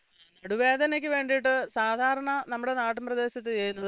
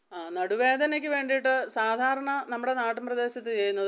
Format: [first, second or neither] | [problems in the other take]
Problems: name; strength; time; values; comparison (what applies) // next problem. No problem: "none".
second | noise reduction (neural separator model SepFormer WHAM!)